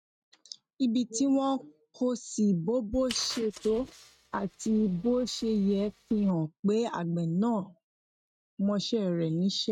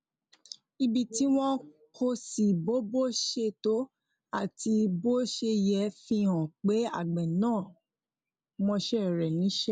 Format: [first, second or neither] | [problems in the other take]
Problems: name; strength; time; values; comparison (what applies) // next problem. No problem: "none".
second | noise reduction (neural mask model RNNoise)